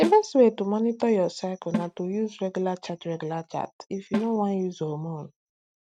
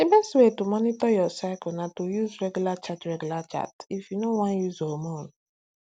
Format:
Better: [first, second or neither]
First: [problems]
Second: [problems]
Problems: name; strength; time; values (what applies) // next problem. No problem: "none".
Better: second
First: noise reduction (neural mask model RNNoise)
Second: none